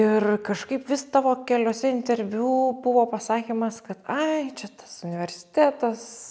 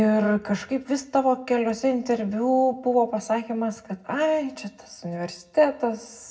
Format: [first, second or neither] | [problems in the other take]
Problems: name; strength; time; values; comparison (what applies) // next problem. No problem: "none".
first | room echo; dies away in 0.4 s